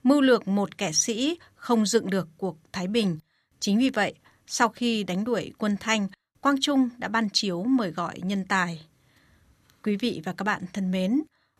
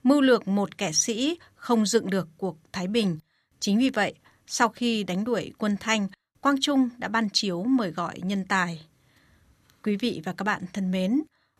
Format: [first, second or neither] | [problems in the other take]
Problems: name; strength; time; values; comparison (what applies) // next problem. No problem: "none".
neither | none